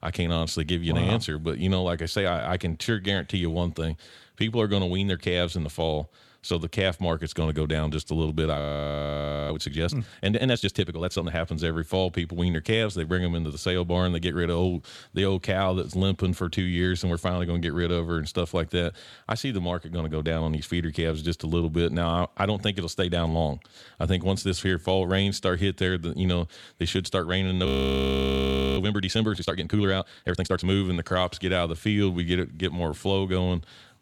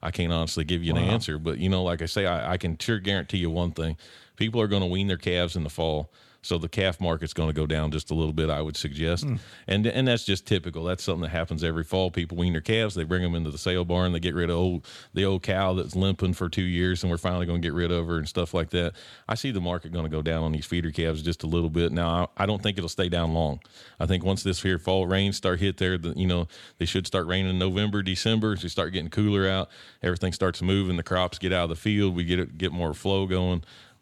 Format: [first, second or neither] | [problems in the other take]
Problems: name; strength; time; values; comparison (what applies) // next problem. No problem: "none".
second | audio freezing; at 8.5 s for 1 s and at 28 s for 1 s